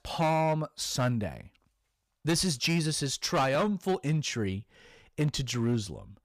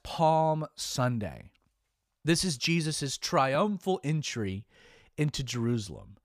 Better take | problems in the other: second | distortion; slight; 6% of the sound clipped

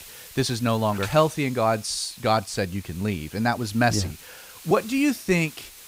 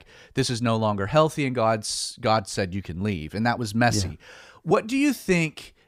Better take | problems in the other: second | hiss; noticeable; throughout; 15 dB below the speech

